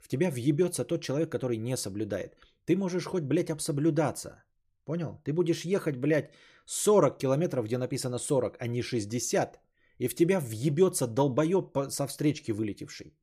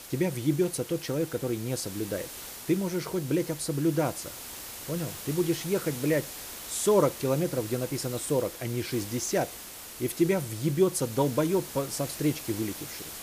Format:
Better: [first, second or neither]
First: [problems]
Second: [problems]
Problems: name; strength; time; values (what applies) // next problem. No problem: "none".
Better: first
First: none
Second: hiss; noticeable; throughout; 10 dB below the speech